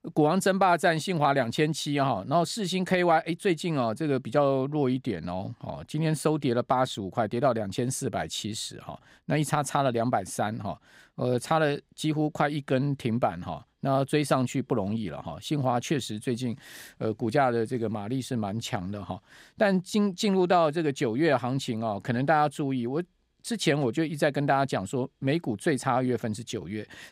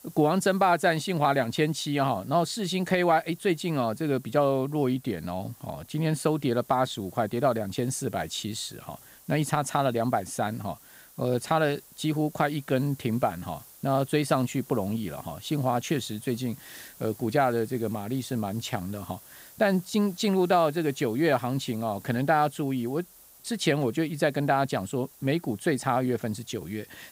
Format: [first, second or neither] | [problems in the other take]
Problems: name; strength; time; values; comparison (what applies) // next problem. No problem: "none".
first | hiss; faint; throughout; 20 dB below the speech